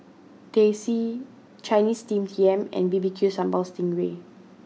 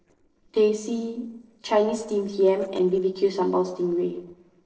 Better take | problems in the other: first | noise reduction (neural separator model SepFormer DNS4)

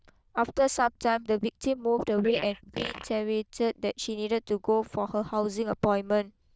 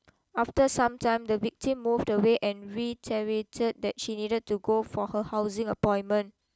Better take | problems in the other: second | noise reduction (neural diffusion model UNIVERSE++)

